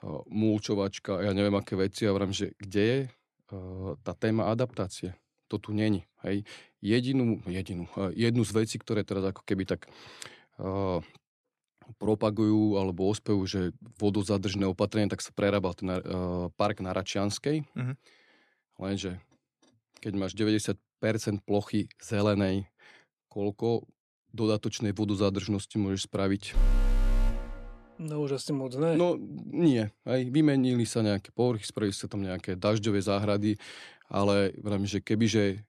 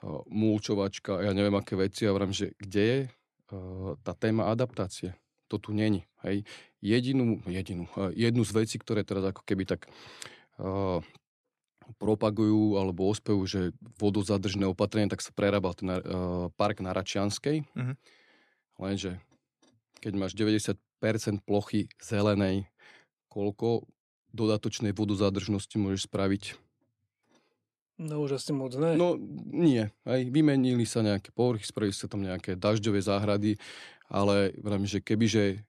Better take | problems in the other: second | alarm; loud; at 27 s; peak 1 dB above the speech

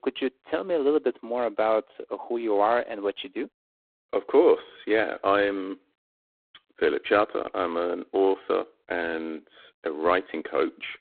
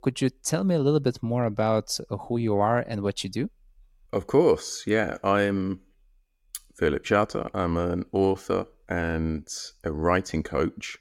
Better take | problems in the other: second | phone-call audio; poor line; nothing above 4 kHz

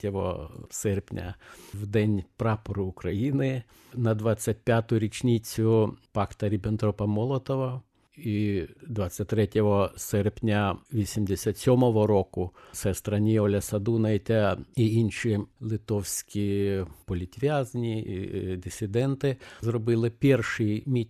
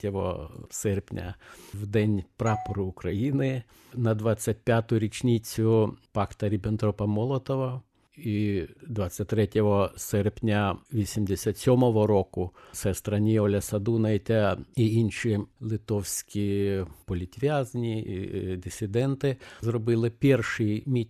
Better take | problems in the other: first | doorbell; noticeable; at 2.5 s; peak 9 dB below the speech

